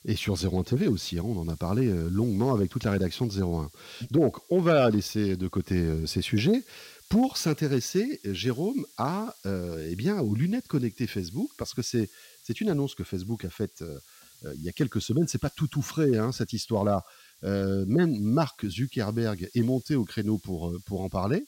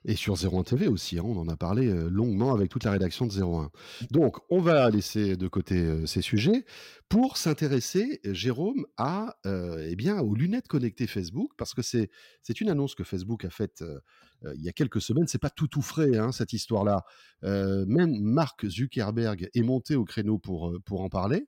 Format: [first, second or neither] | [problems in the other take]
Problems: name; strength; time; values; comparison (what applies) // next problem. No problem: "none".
second | hiss; faint; throughout; 25 dB below the speech